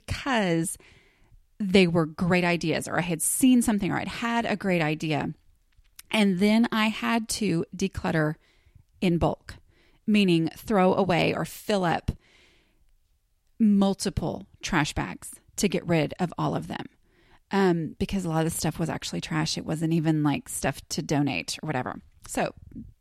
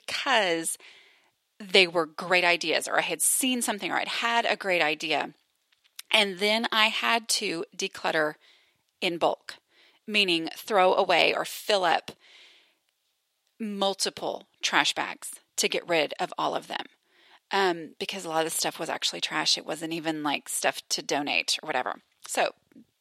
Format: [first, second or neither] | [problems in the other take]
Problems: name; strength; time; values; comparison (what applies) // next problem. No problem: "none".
first | thin; very; fading below 550 Hz